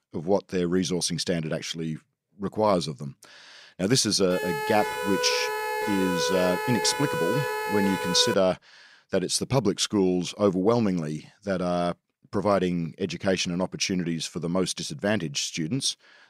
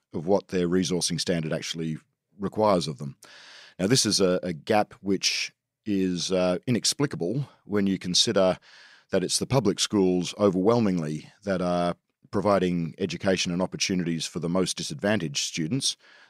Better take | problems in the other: second | siren; noticeable; from 4.5 to 8.5 s; peak 1 dB below the speech

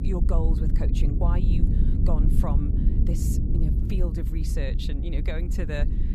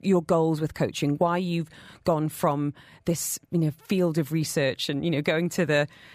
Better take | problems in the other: second | low rumble; loud; throughout; 2 dB below the speech

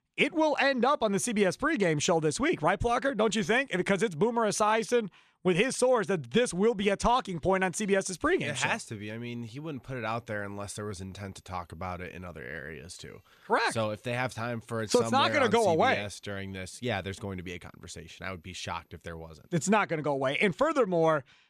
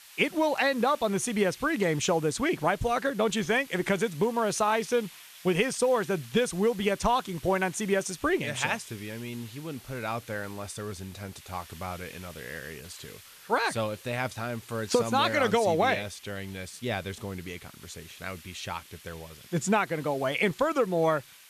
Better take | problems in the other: first | hiss; faint; throughout; 20 dB below the speech

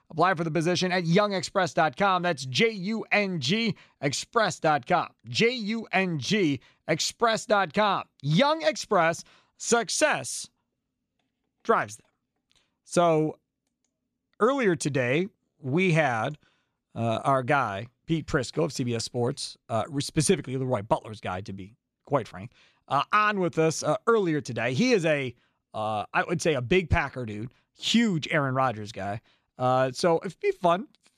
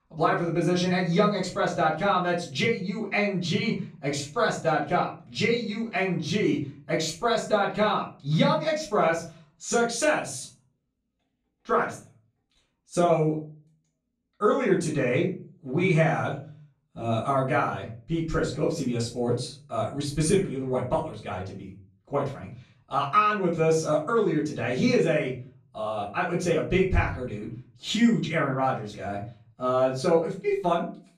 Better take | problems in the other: first | off-mic speech; far // room echo; slight; dies away in 0.4 s

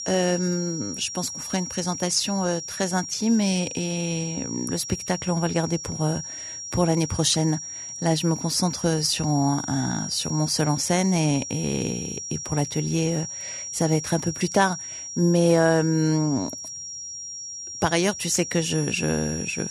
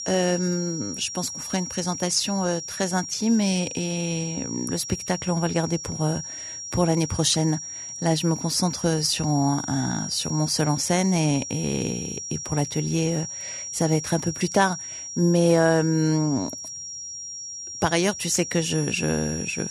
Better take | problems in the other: neither | high-pitched whine; loud; throughout; 5.5 kHz, 8 dB below the speech; the same in both

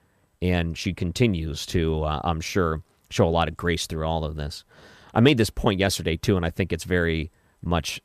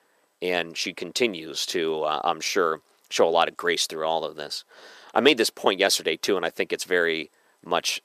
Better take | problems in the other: first | thin; very; fading below 350 Hz

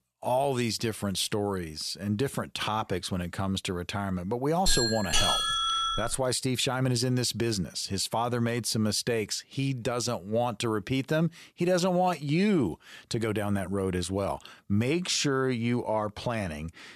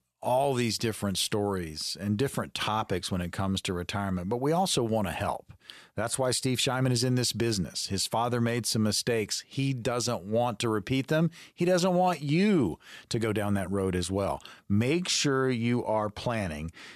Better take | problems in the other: second | doorbell; loud; from 4.5 to 6 s; peak 5 dB above the speech

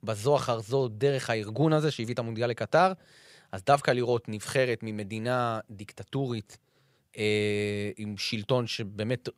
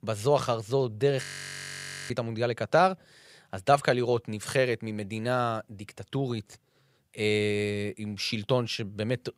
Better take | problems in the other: first | audio freezing; at 1 s for 1 s

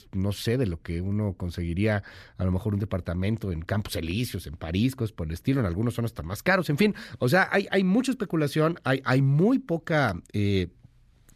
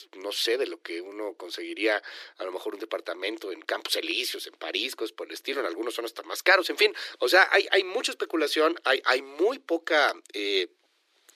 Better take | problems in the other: first | thin; very; fading below 350 Hz

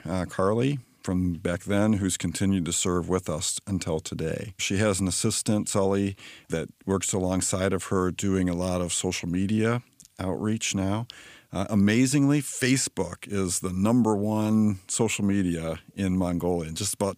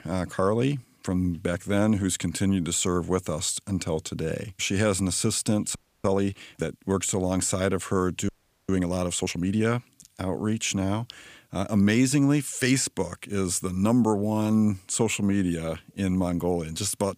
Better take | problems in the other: first | audio freezing; at 6 s and at 8.5 s

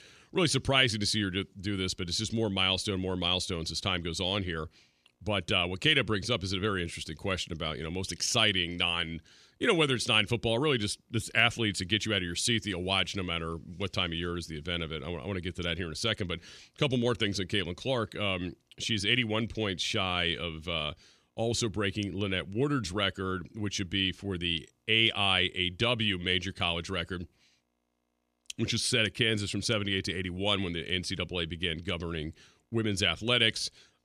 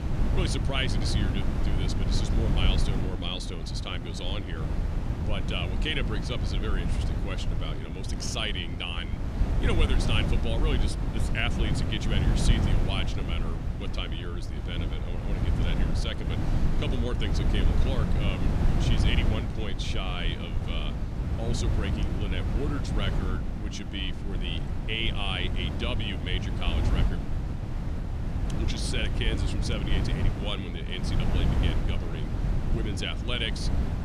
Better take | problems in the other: first | wind noise on the microphone; heavy; 5 dB below the speech

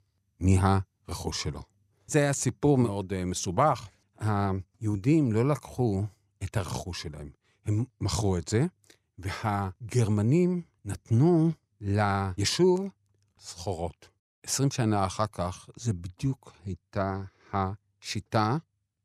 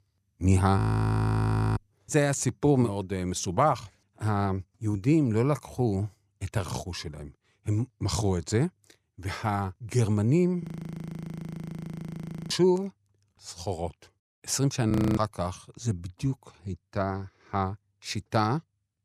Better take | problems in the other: first | audio freezing; at 1 s for 1 s, at 11 s for 2 s and at 15 s

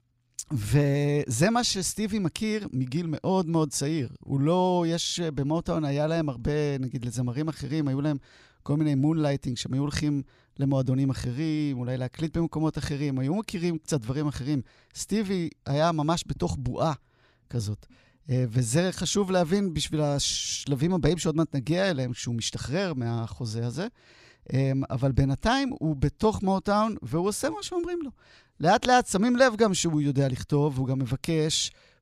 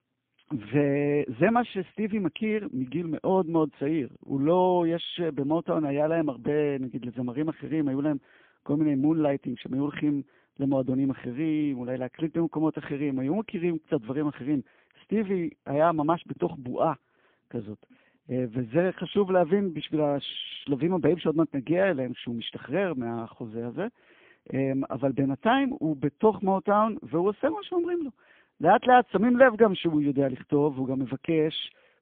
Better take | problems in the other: first | phone-call audio; poor line; nothing above 3.5 kHz

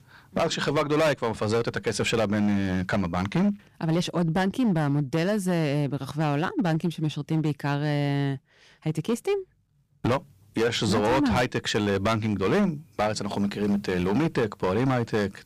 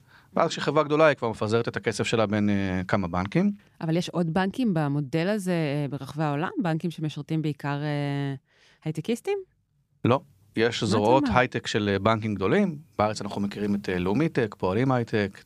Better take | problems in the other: second | distortion; heavy; 11% of the sound clipped

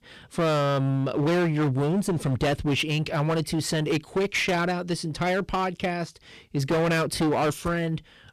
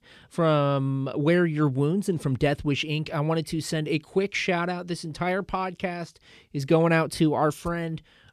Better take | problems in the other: second | distortion; heavy; 19% of the sound clipped

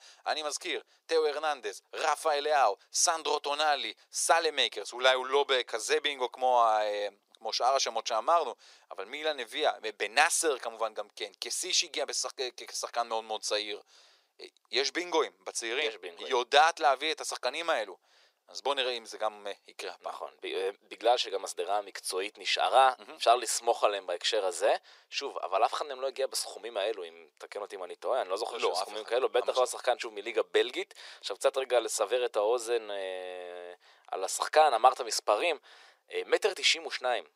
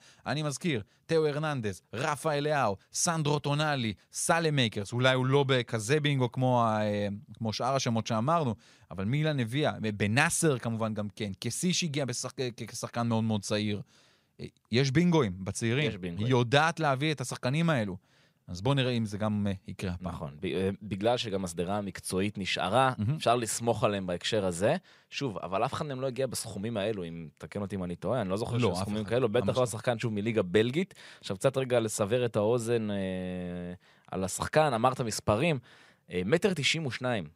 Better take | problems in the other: second | thin; very; fading below 400 Hz

